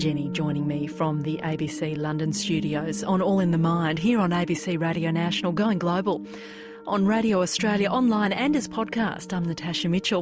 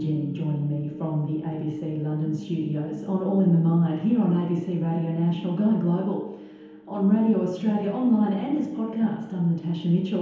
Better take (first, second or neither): first